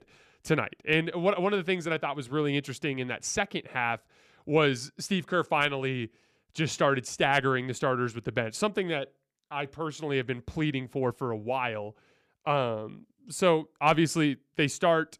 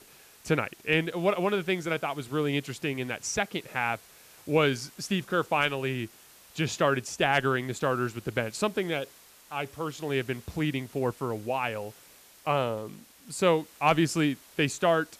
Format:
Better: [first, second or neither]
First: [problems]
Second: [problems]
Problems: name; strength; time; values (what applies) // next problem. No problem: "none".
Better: first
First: none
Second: hiss; faint; throughout; 25 dB below the speech